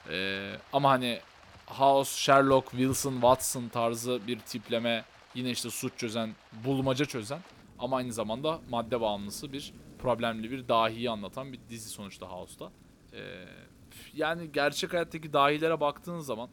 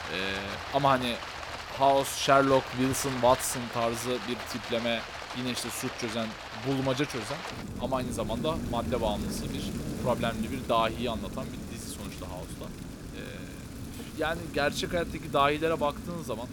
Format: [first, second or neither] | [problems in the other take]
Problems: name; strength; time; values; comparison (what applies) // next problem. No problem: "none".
first | rain or running water; loud; throughout; 8 dB below the speech; faint in the first